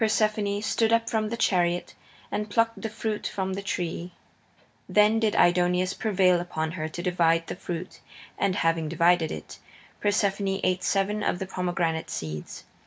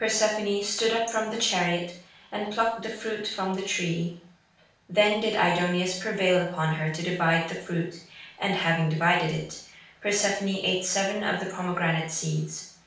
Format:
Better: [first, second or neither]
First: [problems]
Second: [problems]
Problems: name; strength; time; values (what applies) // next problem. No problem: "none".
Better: first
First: none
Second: room echo; dies away in 0.5 s